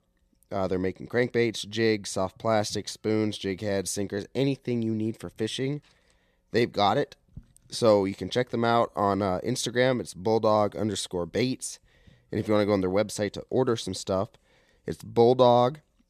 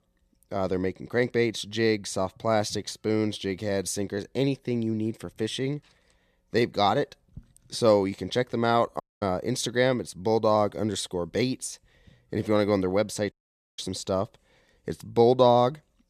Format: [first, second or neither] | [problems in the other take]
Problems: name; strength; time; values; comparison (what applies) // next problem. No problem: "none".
first | audio cutting out; at 9 s and at 13 s